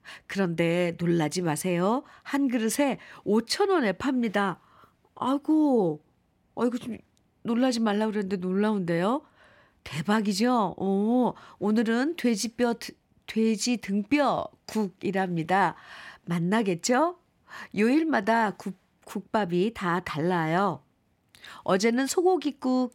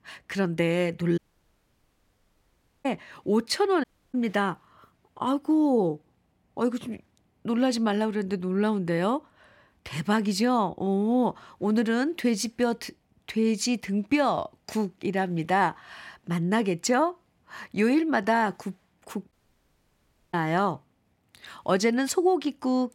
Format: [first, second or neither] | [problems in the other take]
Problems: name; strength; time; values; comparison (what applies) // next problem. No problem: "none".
first | audio cutting out; at 1 s for 1.5 s, at 4 s and at 19 s for 1 s